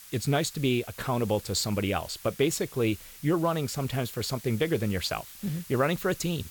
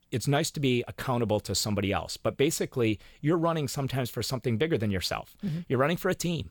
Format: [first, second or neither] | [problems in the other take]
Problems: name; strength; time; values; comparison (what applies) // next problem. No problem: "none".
second | hiss; noticeable; throughout; 15 dB below the speech